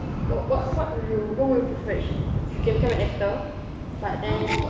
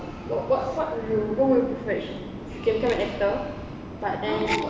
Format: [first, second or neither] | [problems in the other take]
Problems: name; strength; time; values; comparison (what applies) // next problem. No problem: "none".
second | background sound (Thunder / Rain); 1 dB below the speech